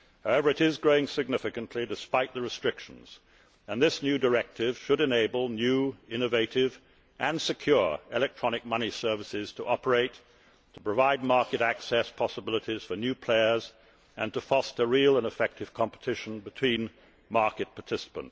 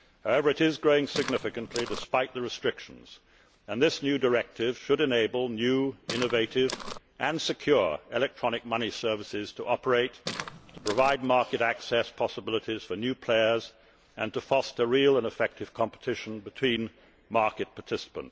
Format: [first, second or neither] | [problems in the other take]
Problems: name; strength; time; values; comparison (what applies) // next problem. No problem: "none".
first | background sound (Walk, footsteps); 9 dB below the speech